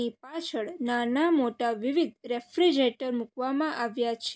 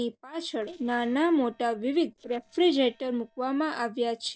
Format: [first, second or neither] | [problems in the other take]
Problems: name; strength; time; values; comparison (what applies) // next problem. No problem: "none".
first | noise reduction (neural separator model SepFormer DNS4)